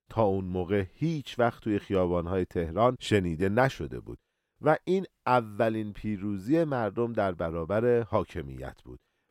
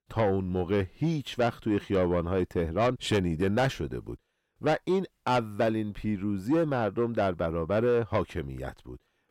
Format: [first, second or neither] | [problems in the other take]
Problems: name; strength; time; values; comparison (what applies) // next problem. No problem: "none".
first | distortion; slight; 10 dB below the speech